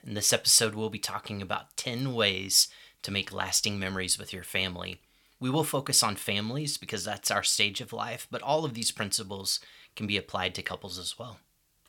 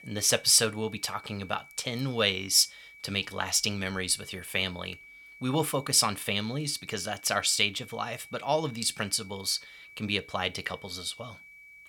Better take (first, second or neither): first